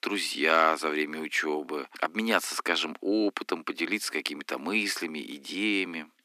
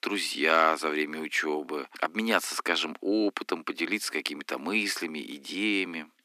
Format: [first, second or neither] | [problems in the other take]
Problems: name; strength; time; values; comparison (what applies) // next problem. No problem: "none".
neither | thin; somewhat; fading below 250 Hz; the same in both